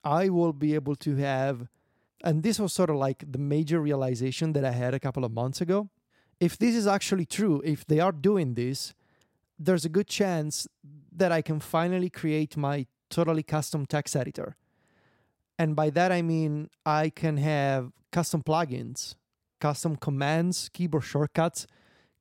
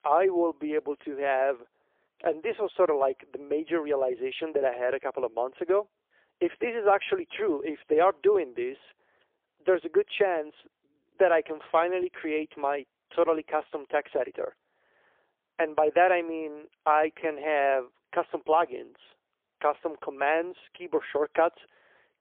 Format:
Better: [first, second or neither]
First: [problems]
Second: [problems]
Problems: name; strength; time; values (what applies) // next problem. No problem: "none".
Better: first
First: none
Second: phone-call audio; poor line; nothing above 3.5 kHz